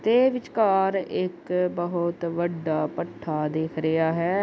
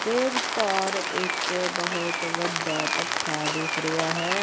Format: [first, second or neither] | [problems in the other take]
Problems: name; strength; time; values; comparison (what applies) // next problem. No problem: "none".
first | background sound (Rain); 1 dB above the speech